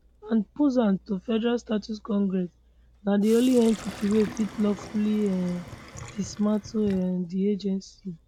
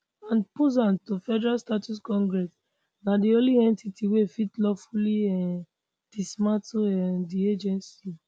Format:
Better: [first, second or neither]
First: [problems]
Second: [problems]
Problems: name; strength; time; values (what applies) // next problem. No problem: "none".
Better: second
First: background sound (Sink (filling or washing)); 19 dB below the speech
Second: none